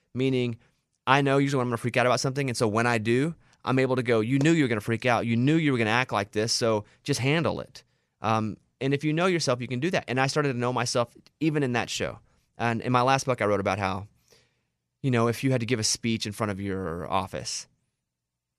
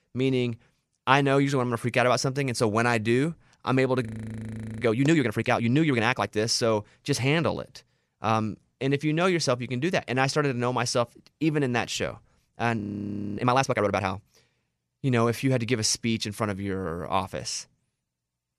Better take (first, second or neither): first